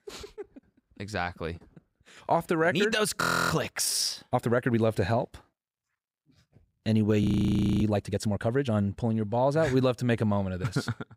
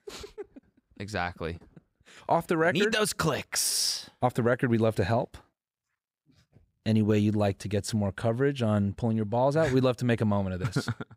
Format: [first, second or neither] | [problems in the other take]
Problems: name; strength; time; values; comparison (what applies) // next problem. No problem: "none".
second | audio freezing; at 3 s and at 7 s for 0.5 s